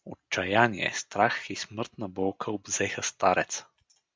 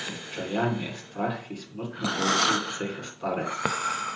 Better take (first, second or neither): first